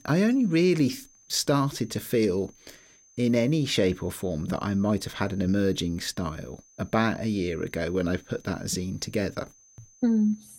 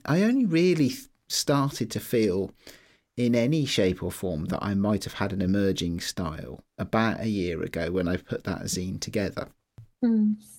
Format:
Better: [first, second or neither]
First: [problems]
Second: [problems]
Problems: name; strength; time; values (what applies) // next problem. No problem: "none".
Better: second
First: high-pitched whine; faint; throughout; 6 kHz, 30 dB below the speech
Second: none